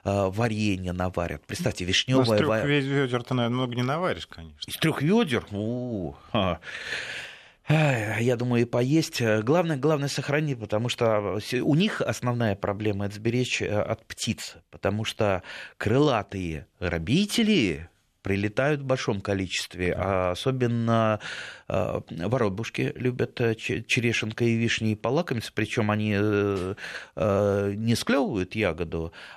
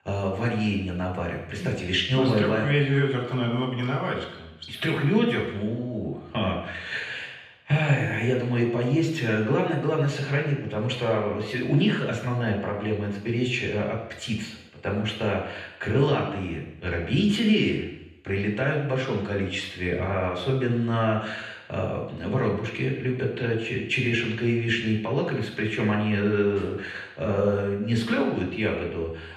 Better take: first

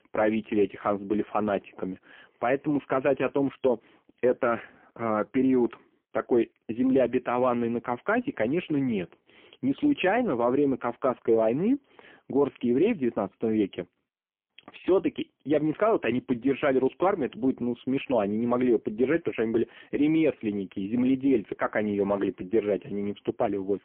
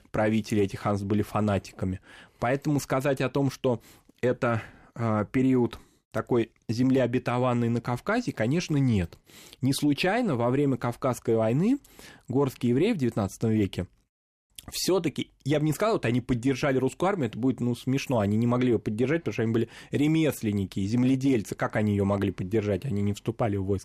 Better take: second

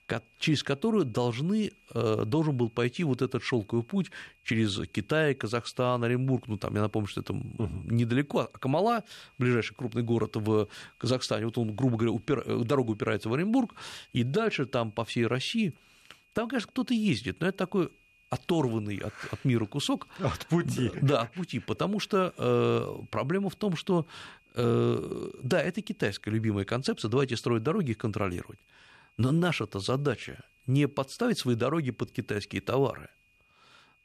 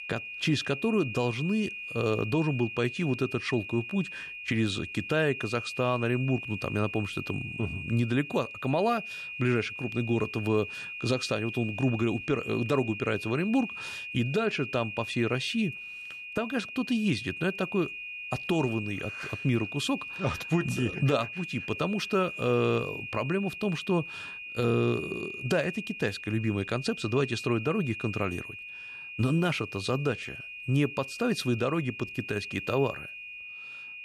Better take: first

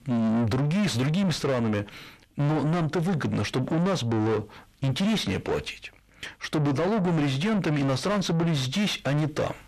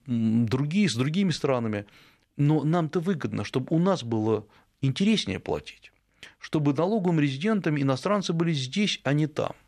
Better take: second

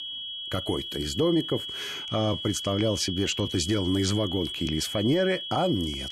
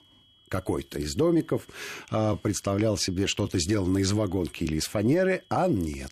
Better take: second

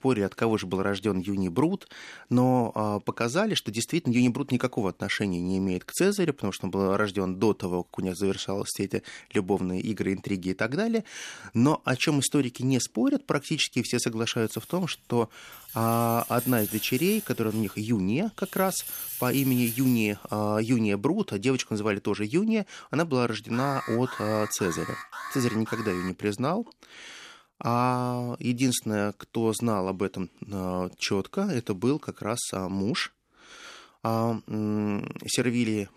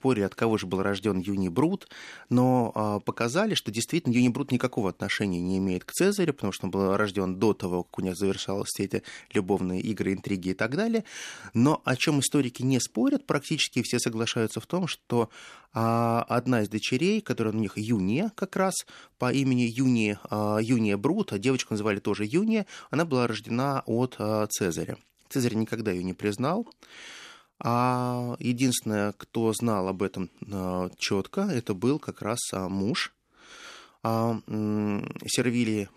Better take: second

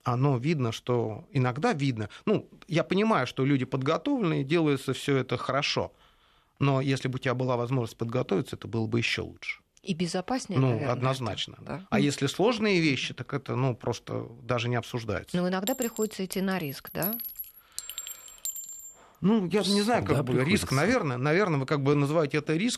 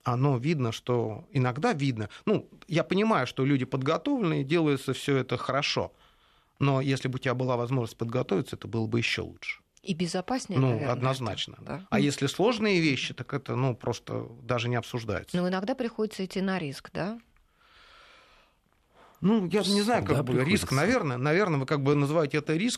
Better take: second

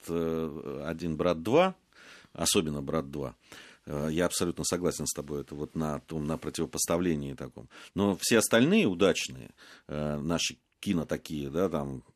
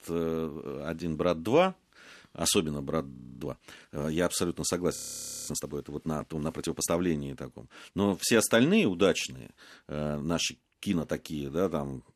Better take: first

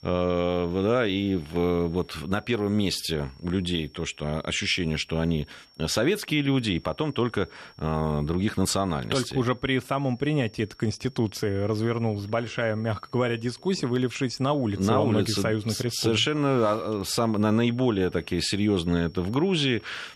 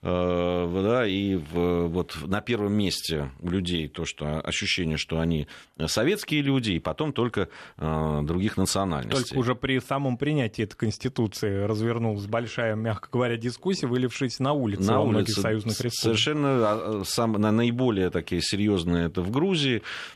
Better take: second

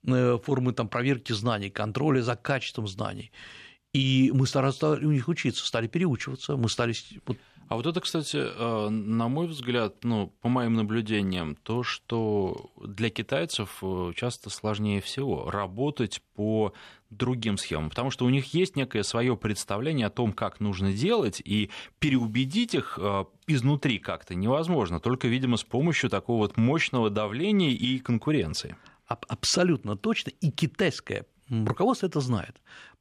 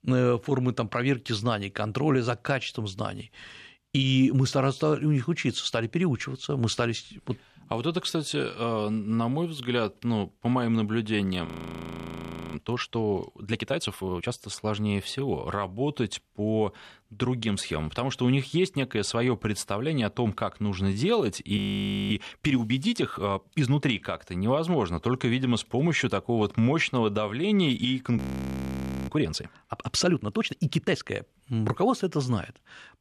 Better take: first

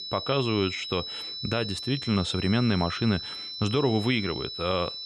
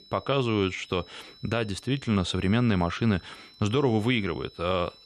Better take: second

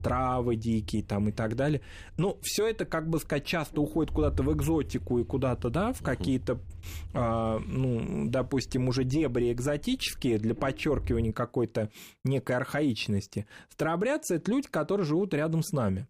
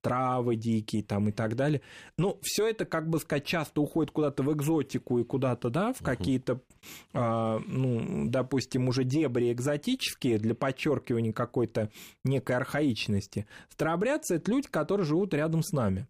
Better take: second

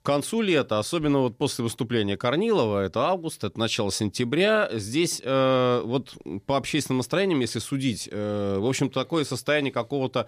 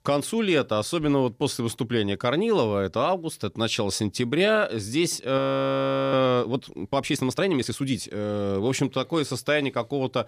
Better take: first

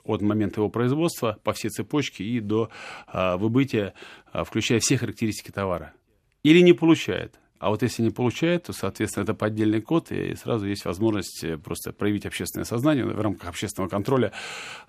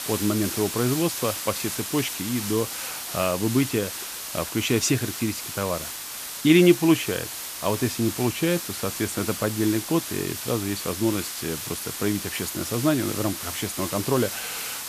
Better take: first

